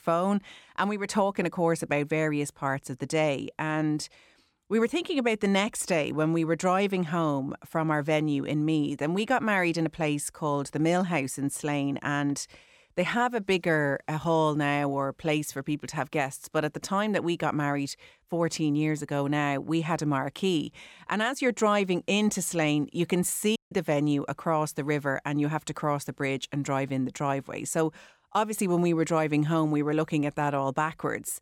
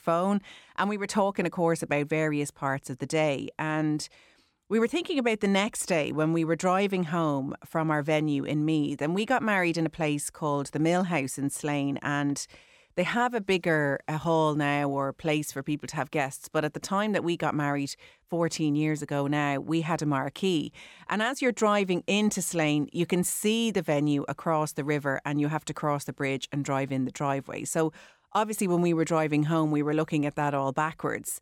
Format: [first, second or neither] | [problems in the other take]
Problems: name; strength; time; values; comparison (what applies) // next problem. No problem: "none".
second | audio cutting out; at 24 s